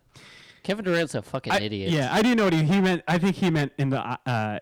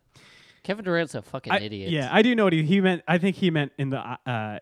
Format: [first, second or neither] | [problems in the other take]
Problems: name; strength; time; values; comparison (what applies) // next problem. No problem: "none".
second | distortion; heavy; 13% of the sound clipped